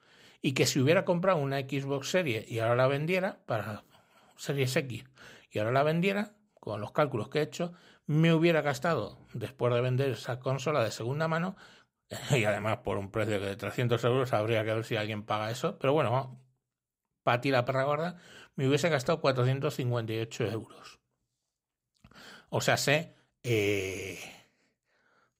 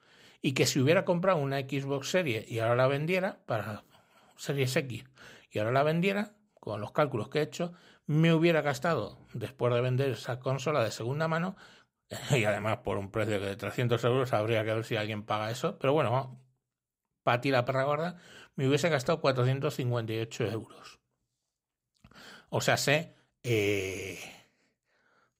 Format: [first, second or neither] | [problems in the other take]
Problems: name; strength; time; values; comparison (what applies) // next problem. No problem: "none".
neither | none